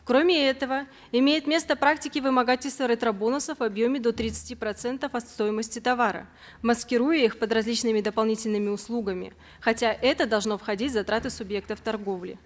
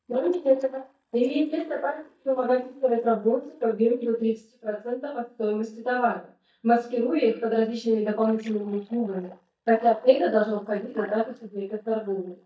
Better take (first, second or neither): first